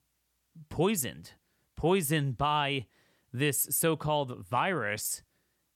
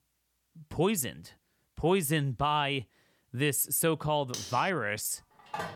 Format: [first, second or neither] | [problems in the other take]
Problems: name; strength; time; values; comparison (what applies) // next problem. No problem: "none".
first | clattering dishes; noticeable; at 4.5 s; peak 9 dB below the speech // phone ringing; noticeable; at 5.5 s; peak 9 dB below the speech